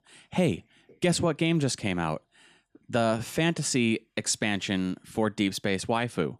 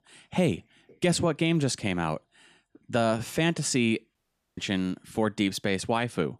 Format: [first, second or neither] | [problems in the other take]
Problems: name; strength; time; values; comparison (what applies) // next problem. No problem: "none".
first | audio cutting out; at 4 s